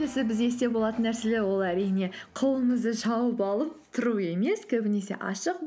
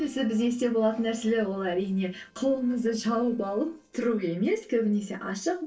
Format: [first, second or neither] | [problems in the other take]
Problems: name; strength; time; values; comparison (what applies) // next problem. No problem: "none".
first | noise reduction (neural separator model SepFormer DNS4)